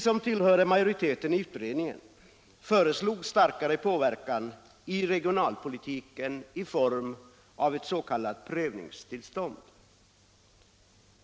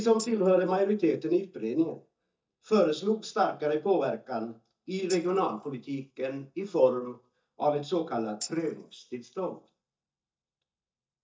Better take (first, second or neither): first